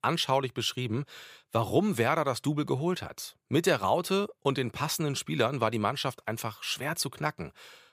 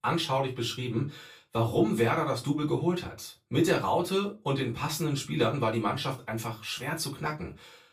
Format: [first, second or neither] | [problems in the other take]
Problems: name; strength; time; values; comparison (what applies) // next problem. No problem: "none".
first | off-mic speech; far // room echo; very slight; dies away in 0.2 s